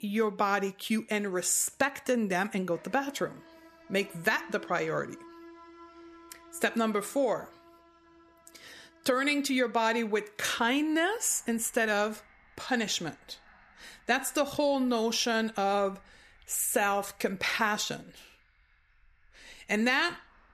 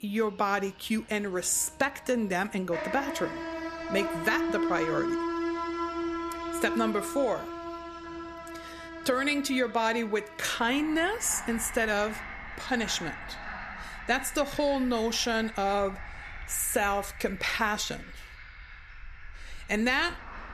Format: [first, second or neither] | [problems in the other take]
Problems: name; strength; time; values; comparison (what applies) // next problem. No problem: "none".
first | animal sounds; loud; throughout; 8 dB below the speech; faint in the first